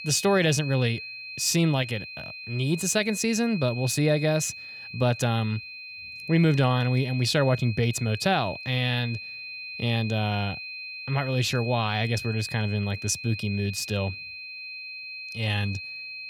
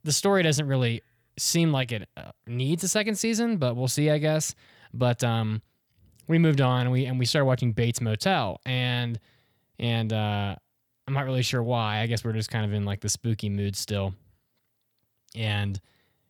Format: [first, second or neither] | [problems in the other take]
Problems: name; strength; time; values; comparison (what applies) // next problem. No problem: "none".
second | high-pitched whine; noticeable; throughout; 2.5 kHz, 10 dB below the speech